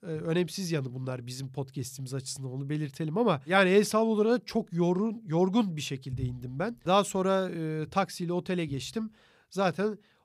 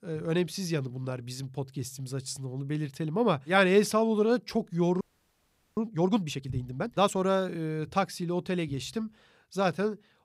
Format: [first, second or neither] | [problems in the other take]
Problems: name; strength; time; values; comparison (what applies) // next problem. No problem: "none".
first | audio freezing; at 5 s for 1 s